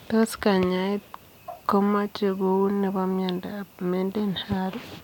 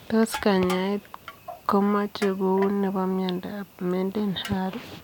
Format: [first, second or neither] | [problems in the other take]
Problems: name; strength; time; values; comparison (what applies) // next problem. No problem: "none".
first | background sound (Crushing); 18 dB below the speech